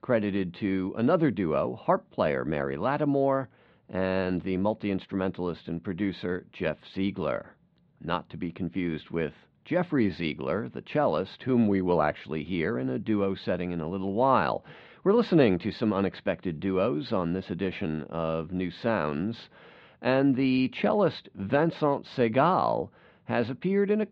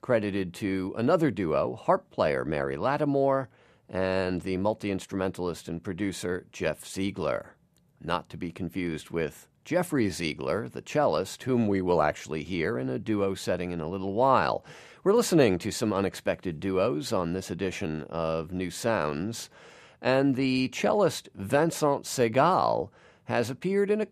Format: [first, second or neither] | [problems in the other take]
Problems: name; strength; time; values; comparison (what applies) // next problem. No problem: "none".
second | muffled; slightly; fading above 4 kHz